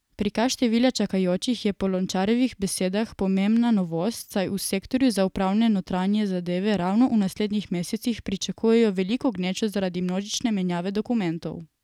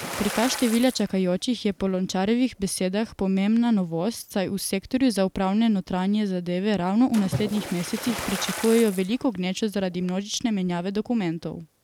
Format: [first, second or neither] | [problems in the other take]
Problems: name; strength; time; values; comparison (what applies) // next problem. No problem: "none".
first | background sound (Splash, splatter); 14 dB below the speech